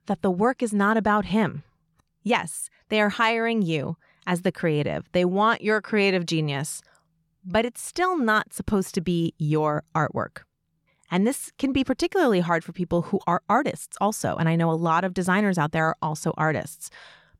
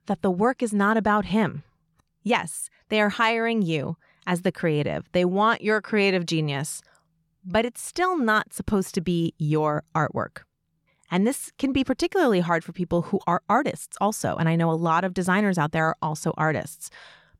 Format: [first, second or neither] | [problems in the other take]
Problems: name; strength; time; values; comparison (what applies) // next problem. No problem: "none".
neither | none